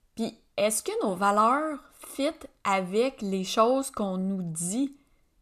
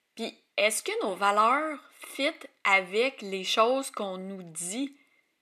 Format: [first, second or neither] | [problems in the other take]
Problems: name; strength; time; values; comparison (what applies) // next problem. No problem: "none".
first | thin; very slightly; fading below 350 Hz